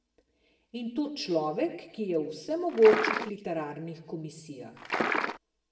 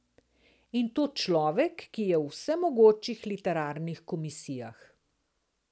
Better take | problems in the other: second | background sound (Liquid); as loud as the speech // room echo; dies away in 0.7 s

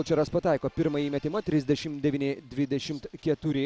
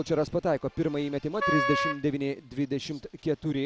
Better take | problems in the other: first | background sound (Wind instrument, woodwind instrument); 1 dB below the speech

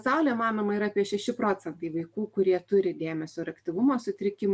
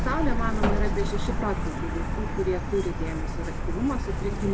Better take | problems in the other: first | background sound (Truck); 4 dB above the speech

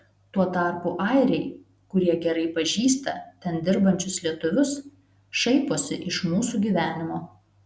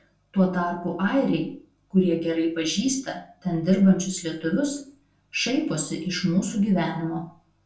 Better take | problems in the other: first | room echo; dies away in 0.3 s

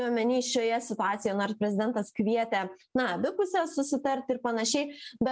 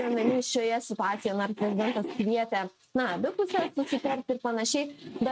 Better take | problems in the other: first | noise reduction (neural mask model RNNoise)

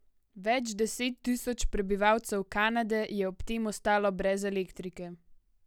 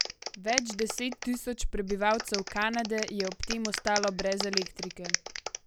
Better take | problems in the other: first | background sound (Clapping); 5 dB below the speech

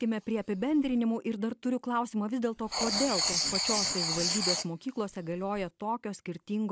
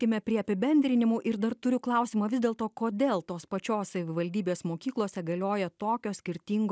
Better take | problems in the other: second | background sound (Writing); 3 dB below the speech

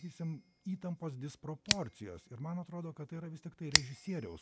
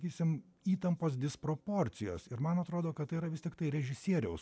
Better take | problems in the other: second | background sound (Scissors); 2 dB above the speech

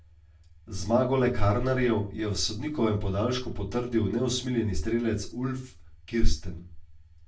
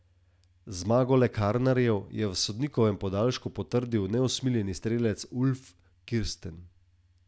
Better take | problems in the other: second | room echo; dies away in 0.3 s

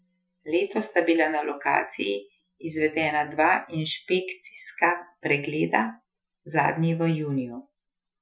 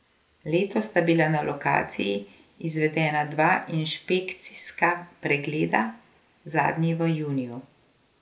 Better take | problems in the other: second | noise reduction (classical method Wiener filter)

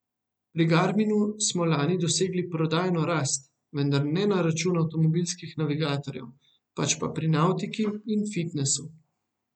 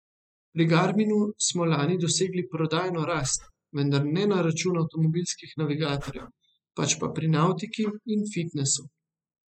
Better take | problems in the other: first | noise reduction (classical method spectral subtraction)

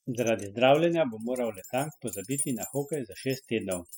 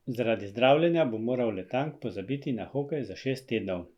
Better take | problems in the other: second | noise reduction (classical method spectral subtraction)

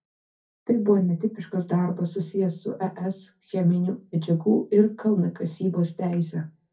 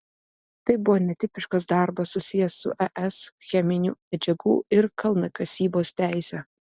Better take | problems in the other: second | room echo; dies away in 0.3 s

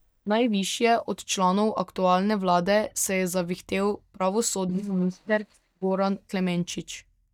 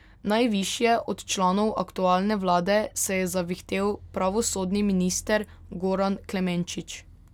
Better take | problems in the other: second | noise reduction (neural mask model DeepFilterNet 3)

